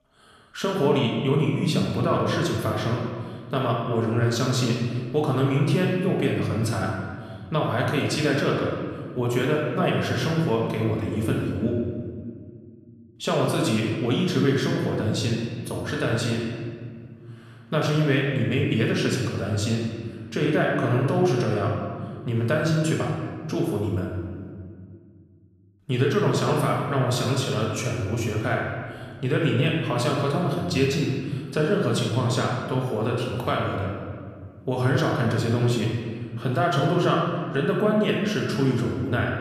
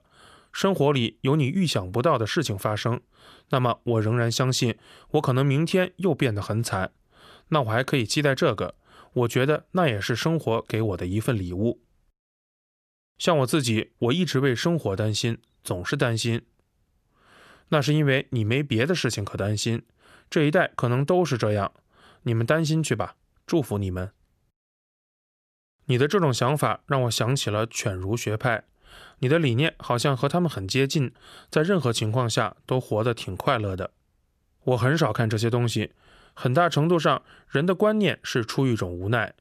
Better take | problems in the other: second | room echo; noticeable; dies away in 1.8 s // off-mic speech; far

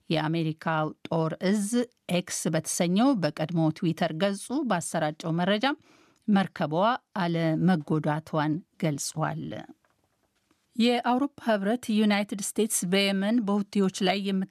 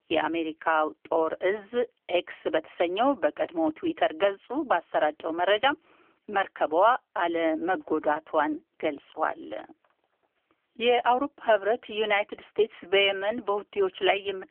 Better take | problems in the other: first | phone-call audio; poor line; nothing above 3 kHz

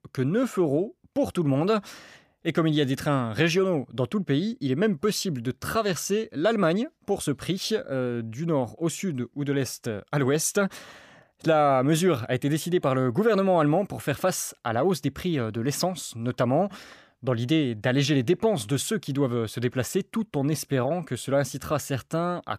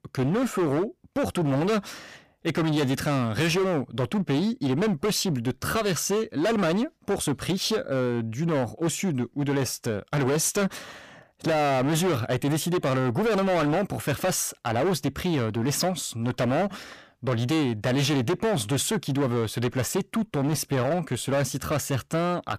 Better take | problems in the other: first | distortion; heavy; 20% of the sound clipped

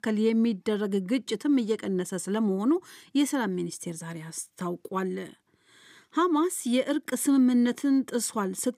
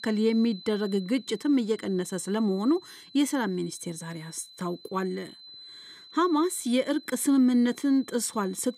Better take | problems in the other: first | high-pitched whine; noticeable; throughout; 4 kHz, 20 dB below the speech

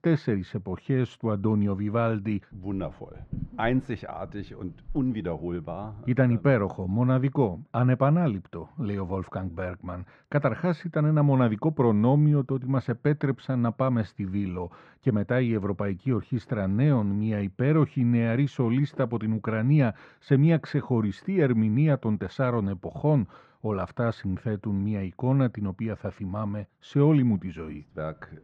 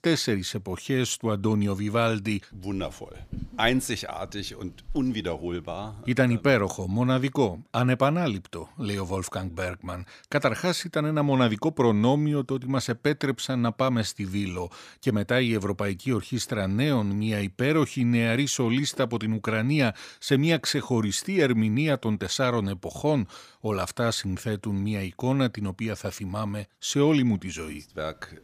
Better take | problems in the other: second | muffled; very; fading above 1.5 kHz

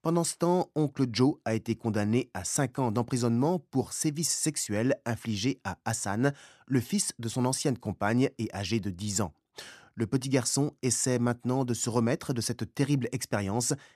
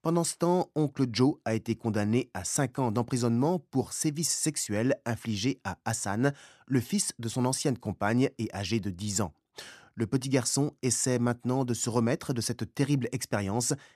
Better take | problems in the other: neither | none

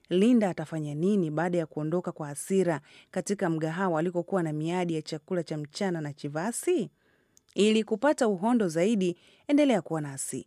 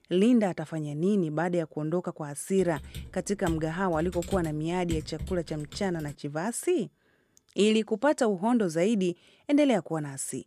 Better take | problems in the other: first | keyboard typing; noticeable; from 2.5 to 6 s; peak 10 dB below the speech

